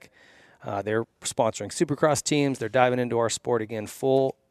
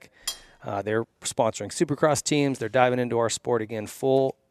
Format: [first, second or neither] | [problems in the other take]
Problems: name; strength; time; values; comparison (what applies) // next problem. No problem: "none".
first | clattering dishes; noticeable; at 0.5 s; peak 8 dB below the speech